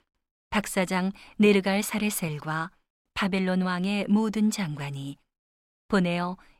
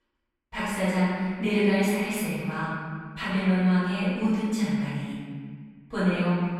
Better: first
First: none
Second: off-mic speech; far // room echo; strong; dies away in 1.8 s

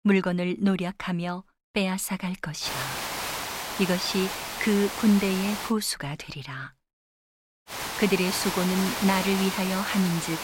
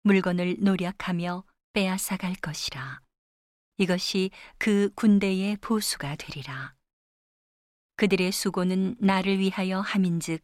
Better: second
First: hiss; loud; from 2.5 to 5.5 s and from 7.5 s on; 5 dB below the speech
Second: none

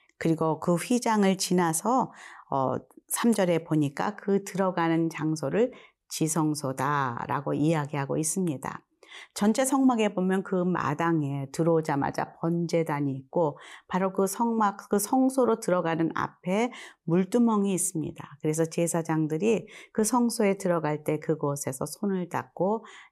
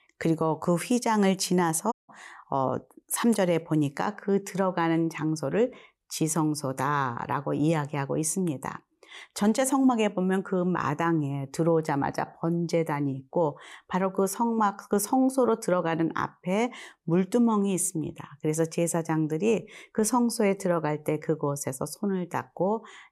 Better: first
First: none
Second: audio cutting out; at 2 s

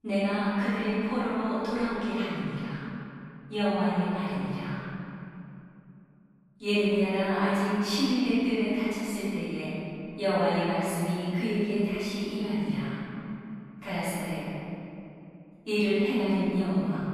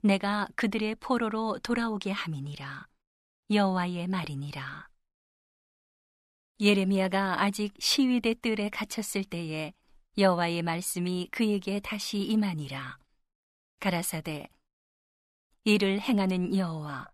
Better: second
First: off-mic speech; far // room echo; strong; dies away in 2.8 s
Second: none

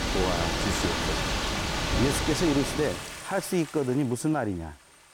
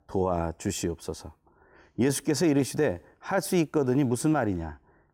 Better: second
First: rain or running water; very loud; throughout; as loud as the speech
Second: none

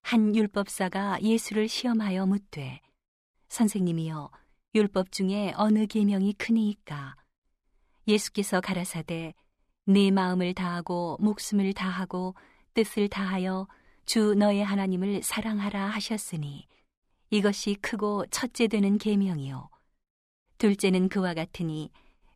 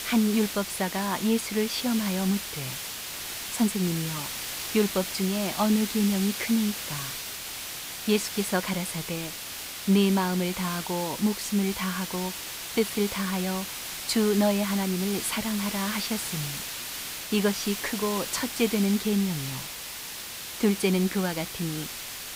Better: first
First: none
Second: hiss; loud; throughout; 5 dB below the speech

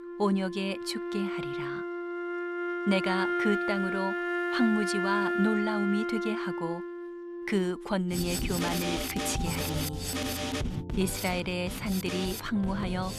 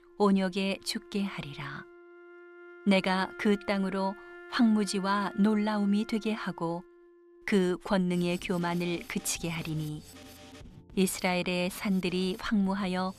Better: second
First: background music; loud; throughout; 1 dB below the speech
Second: background music; faint; throughout; 20 dB below the speech

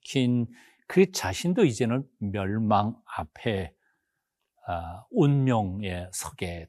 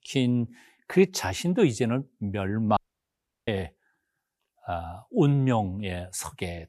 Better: first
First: none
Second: audio cutting out; at 3 s for 0.5 s

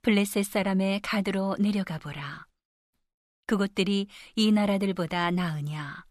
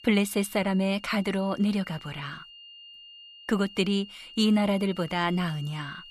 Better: first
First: none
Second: high-pitched whine; noticeable; throughout; 3 kHz, 20 dB below the speech

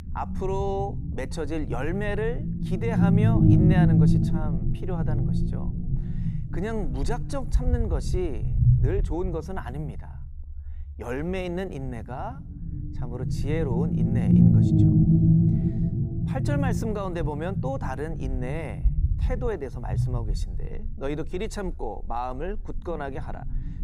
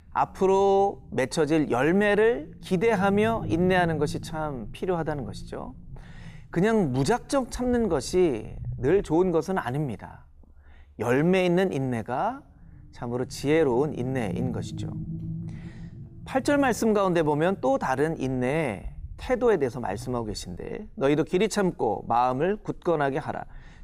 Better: second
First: low rumble; loud; throughout; as loud as the speech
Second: low rumble; faint; throughout; 25 dB below the speech

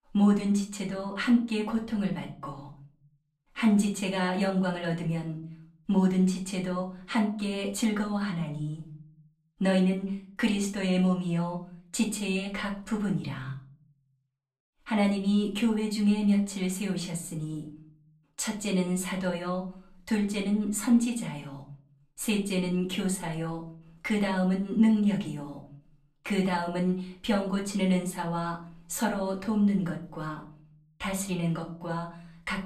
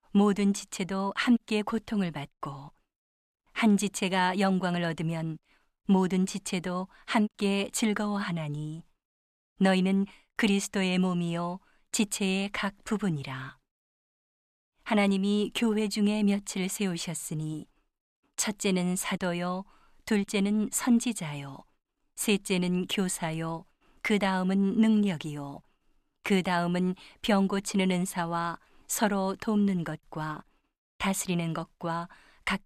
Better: second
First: off-mic speech; far // room echo; slight; dies away in 0.4 s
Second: none

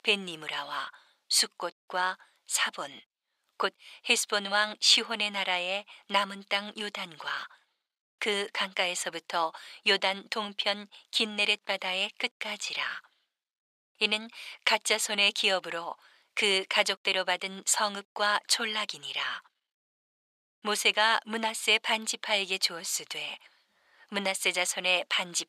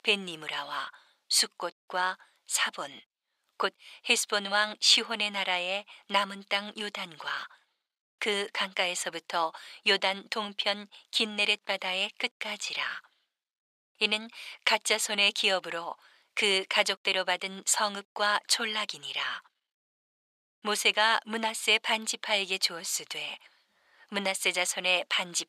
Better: neither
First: thin; very; fading below 650 Hz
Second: thin; very; fading below 650 Hz

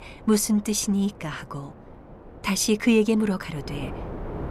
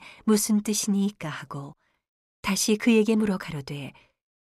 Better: second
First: wind noise on the microphone; occasional gusts; 15 dB below the speech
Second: none

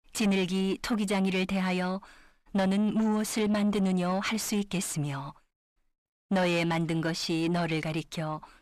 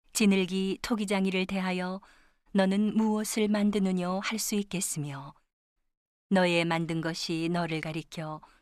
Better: second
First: distortion; slight; 10 dB below the speech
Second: none

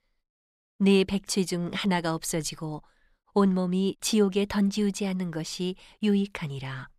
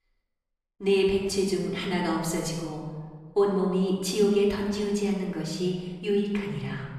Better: first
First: none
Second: off-mic speech; far // room echo; noticeable; dies away in 1.5 s

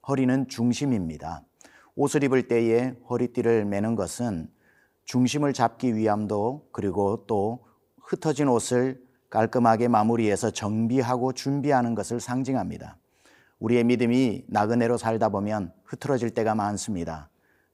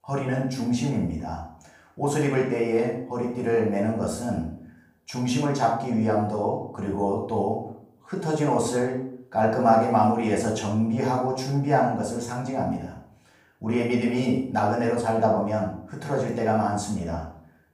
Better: first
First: none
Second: off-mic speech; far // room echo; noticeable; dies away in 0.5 s

